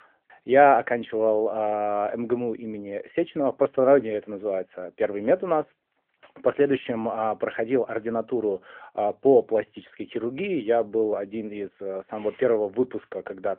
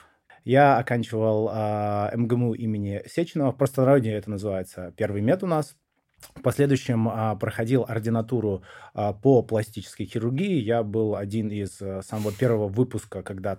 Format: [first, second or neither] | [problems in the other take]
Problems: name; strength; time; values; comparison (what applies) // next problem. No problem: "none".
second | phone-call audio